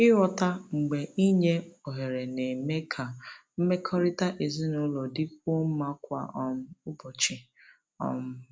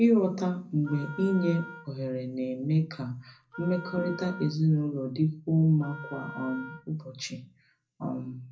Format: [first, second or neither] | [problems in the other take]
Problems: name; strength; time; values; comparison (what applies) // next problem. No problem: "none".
first | background sound (Wind instrument, woodwind instrument); 17 dB below the speech // room echo; dies away in 0.4 s